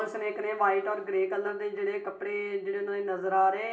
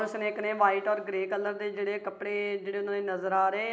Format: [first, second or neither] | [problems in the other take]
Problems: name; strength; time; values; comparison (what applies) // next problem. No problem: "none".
second | room echo; dies away in 0.2 s